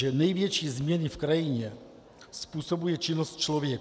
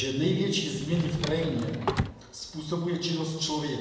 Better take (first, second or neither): first